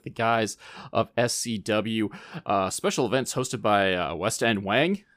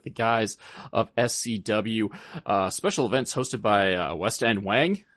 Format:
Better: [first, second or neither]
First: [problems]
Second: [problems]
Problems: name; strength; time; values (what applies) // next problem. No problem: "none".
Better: first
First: none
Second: garbled, watery; slightly; nothing above 12 kHz